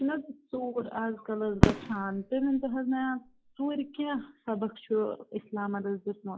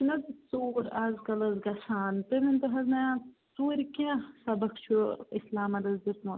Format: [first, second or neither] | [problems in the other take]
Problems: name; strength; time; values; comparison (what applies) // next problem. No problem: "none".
second | noise reduction (classical method log-MMSE)